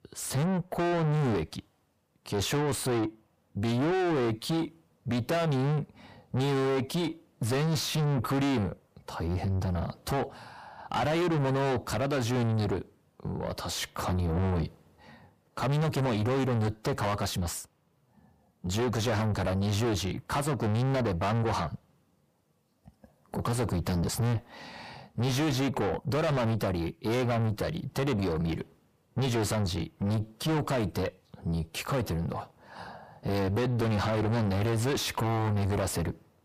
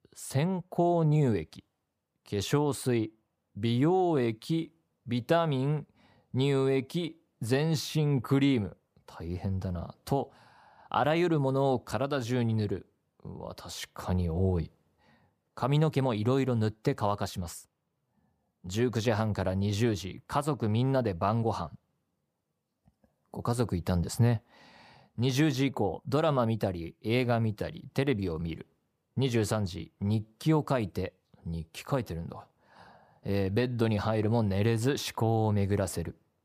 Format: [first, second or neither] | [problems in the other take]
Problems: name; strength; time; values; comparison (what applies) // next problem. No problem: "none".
second | distortion; heavy; 5 dB below the speech